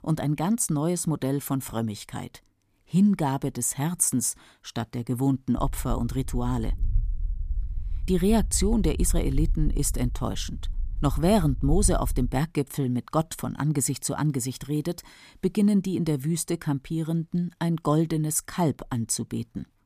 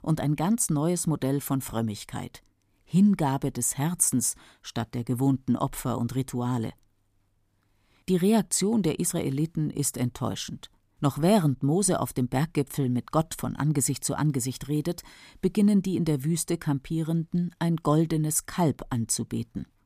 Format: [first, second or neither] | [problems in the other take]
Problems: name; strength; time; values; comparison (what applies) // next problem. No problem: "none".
second | low rumble; faint; from 5.5 to 12 s; 25 dB below the speech